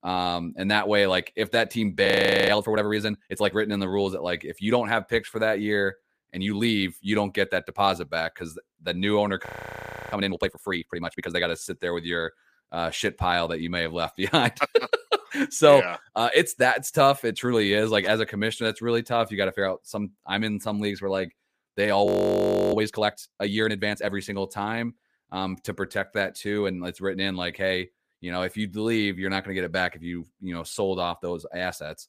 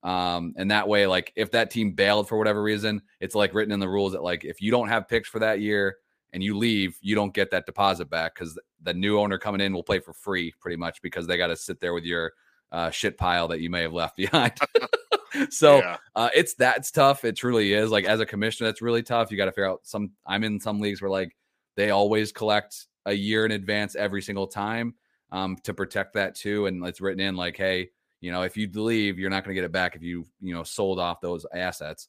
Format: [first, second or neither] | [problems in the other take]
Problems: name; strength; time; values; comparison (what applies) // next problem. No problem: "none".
second | audio freezing; at 2 s, at 9.5 s for 0.5 s and at 22 s for 0.5 s